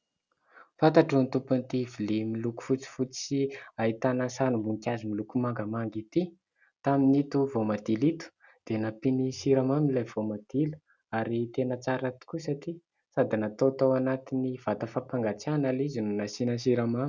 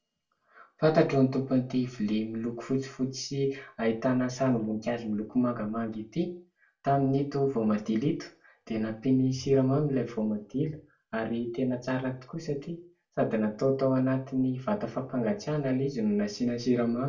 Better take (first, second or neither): first